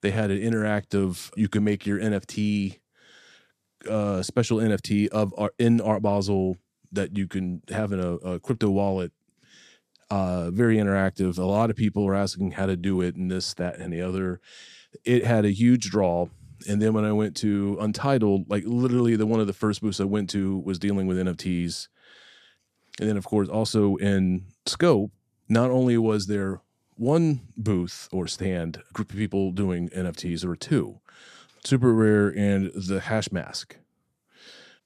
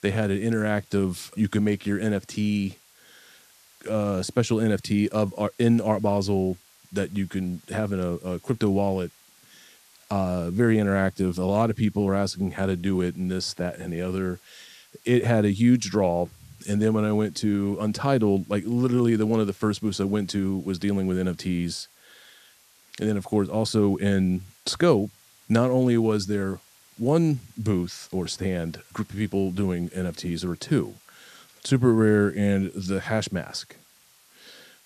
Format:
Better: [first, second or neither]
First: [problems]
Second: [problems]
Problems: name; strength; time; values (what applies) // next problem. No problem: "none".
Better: first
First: none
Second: hiss; faint; throughout; 30 dB below the speech